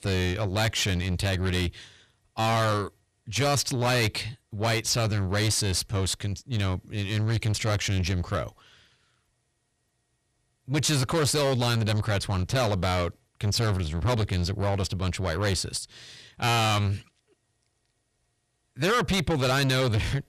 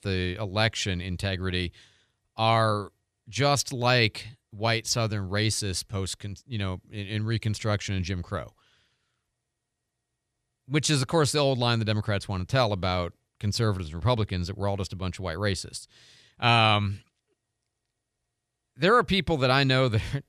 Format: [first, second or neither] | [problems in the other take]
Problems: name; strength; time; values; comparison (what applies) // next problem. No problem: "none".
second | distortion; heavy; 6 dB below the speech